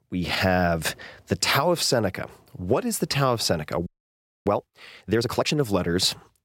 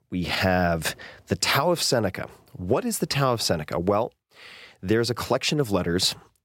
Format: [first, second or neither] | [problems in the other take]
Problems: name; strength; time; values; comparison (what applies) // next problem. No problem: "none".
second | audio freezing; at 4 s for 0.5 s